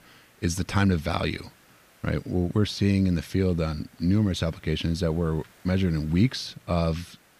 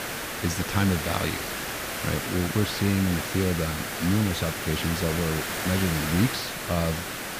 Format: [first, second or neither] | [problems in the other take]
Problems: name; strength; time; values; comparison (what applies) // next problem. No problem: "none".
first | hiss; loud; throughout; 3 dB below the speech; faint in the first